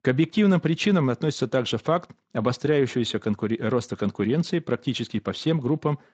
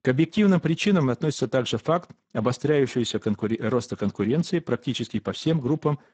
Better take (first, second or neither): first